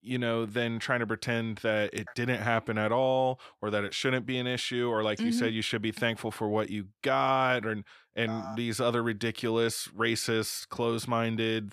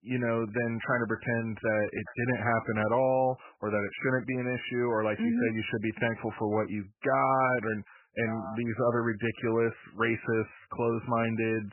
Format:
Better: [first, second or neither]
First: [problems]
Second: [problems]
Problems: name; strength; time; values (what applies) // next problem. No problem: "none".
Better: first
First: none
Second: garbled, watery; badly; nothing above 3 kHz